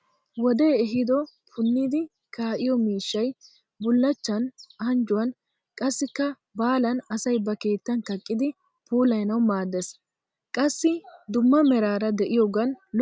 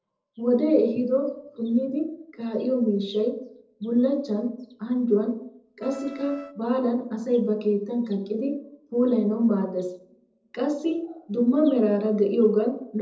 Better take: first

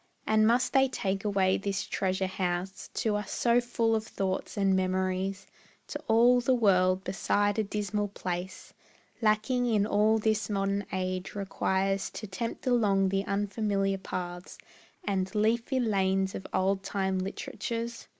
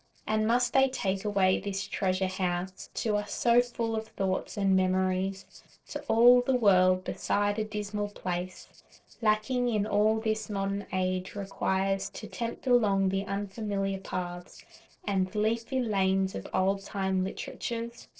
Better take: first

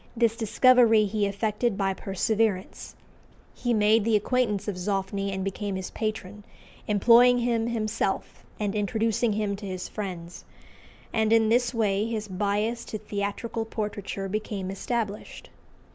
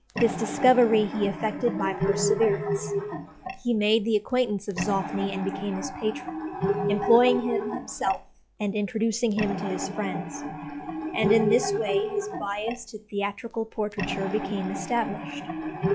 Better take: first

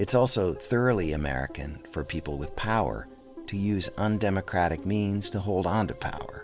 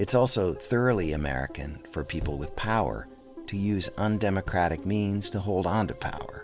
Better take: first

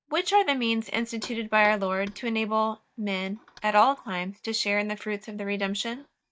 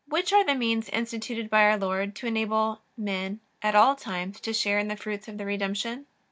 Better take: second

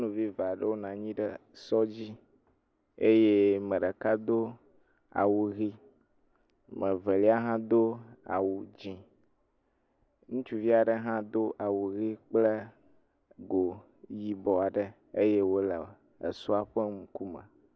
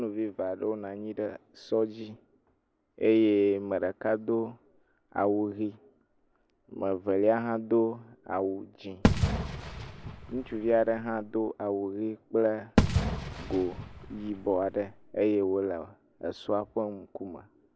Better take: first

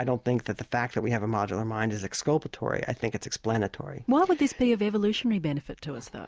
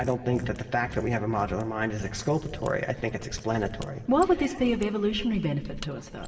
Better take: first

